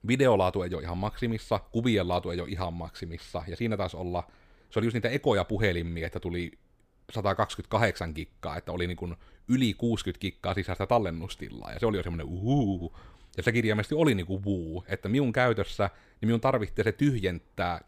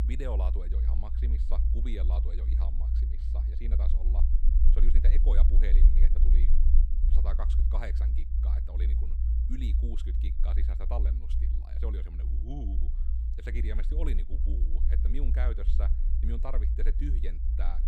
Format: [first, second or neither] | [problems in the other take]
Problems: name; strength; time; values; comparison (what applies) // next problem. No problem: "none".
first | low rumble; loud; throughout; 4 dB below the speech